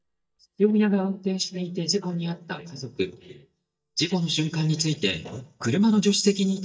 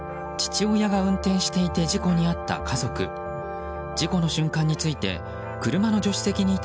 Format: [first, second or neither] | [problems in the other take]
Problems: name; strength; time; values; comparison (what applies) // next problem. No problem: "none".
second | noise reduction (neural mask model DeepFilterNet 3)